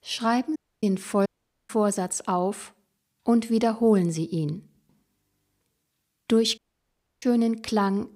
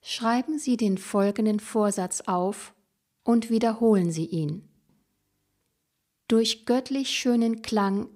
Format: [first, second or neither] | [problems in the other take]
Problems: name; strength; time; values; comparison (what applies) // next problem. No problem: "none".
second | audio cutting out; at 0.5 s, at 1.5 s and at 6.5 s for 0.5 s